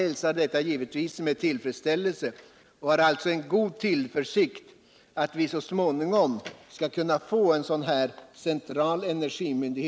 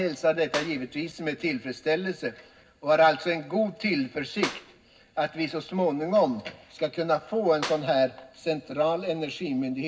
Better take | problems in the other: first | background sound (Clapping); 16 dB below the speech // room echo; dies away in 0.4 s

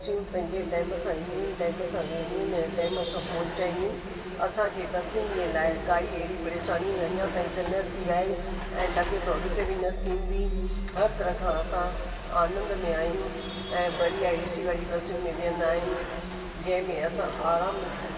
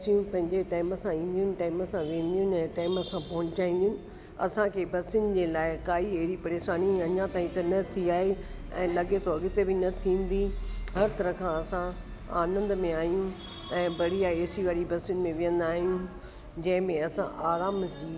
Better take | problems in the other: second | background sound (Domestic sounds, home sounds); 12 dB below the speech // room echo; dies away in 2.5 s

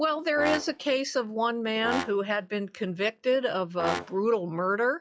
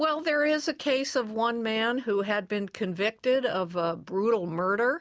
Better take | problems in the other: second | noise reduction (classical method log-MMSE)

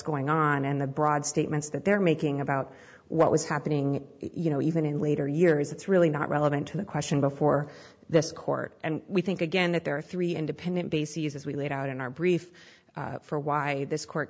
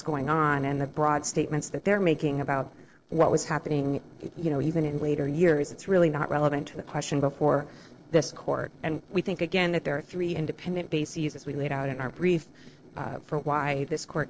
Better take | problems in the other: first | noise reduction (neural separator model SepFormer DNS4)

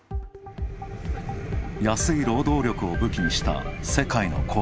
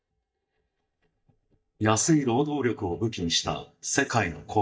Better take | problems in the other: first | noise reduction (neural mask model DeepFilterNet 3)

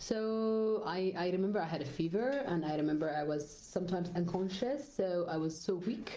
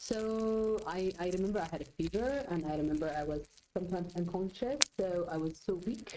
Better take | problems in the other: first | noise reduction (neural mask model RNNoise)

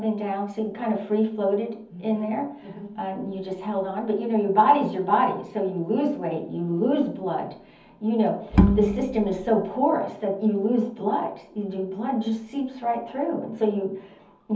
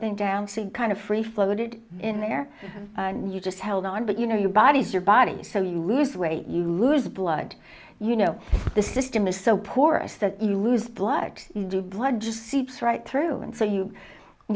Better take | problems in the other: second | background sound (Bowed string instrument); 2 dB above the speech // room echo; dies away in 0.7 s

